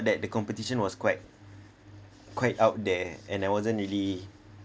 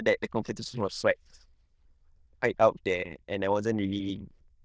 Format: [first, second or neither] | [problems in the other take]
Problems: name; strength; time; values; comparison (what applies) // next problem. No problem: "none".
first | noise reduction (neural diffusion model UNIVERSE++)